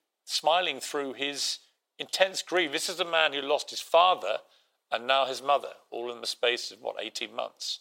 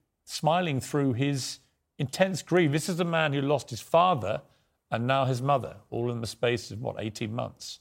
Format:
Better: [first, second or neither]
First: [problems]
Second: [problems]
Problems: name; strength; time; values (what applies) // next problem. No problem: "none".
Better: second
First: thin; very; fading below 450 Hz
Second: none